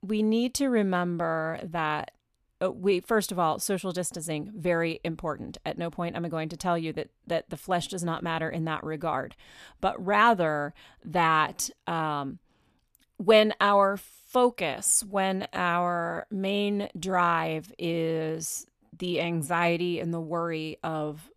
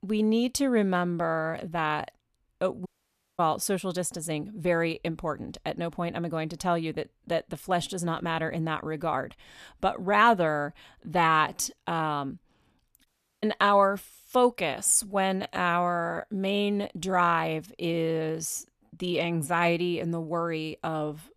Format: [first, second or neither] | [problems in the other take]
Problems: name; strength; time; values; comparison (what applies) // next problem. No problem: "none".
first | audio cutting out; at 3 s for 0.5 s and at 13 s